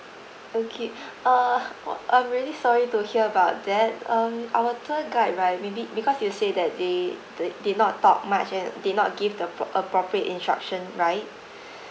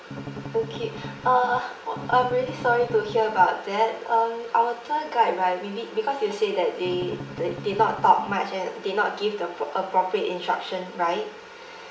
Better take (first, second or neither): first